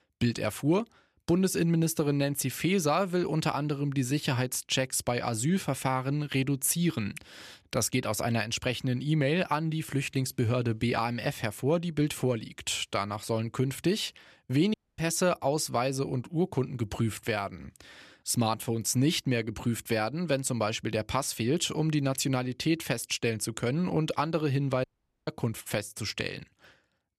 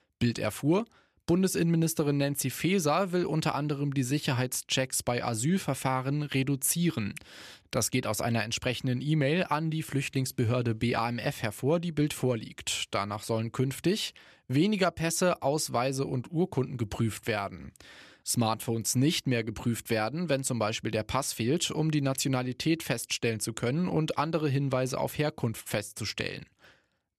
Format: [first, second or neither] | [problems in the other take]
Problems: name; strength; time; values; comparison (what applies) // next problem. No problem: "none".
second | audio cutting out; at 15 s and at 25 s